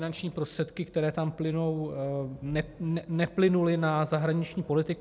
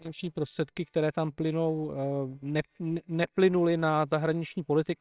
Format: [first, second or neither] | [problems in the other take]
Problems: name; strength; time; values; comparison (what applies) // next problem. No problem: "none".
first | noise reduction (neural separator model SepFormer WHAMR!)